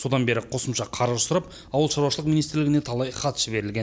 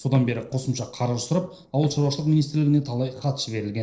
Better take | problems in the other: first | noise reduction (neural separator model SepFormer DNS4)

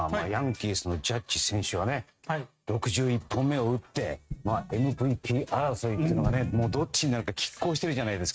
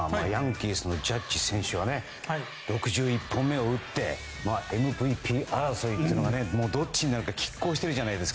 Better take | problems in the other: second | noise reduction (neural mask model RNNoise)

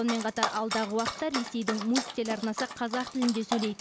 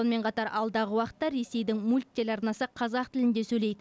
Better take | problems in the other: second | background sound (Dog); 6 dB below the speech

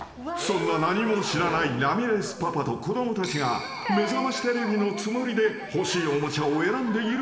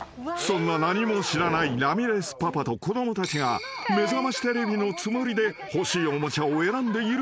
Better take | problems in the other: second | room echo; dies away in 1.7 s

